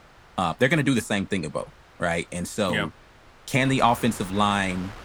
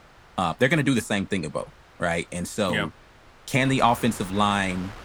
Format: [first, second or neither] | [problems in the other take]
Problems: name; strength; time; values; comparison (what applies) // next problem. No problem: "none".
neither | wind noise on the microphone; occasional gusts; 20 dB below the speech; the same in both